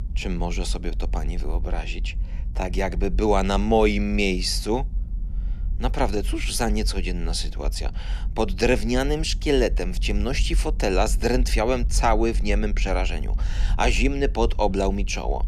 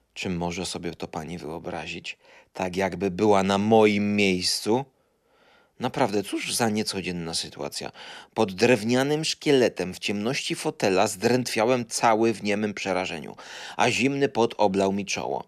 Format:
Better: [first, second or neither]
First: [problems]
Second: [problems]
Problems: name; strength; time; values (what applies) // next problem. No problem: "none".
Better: second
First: low rumble; faint; throughout; 25 dB below the speech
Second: none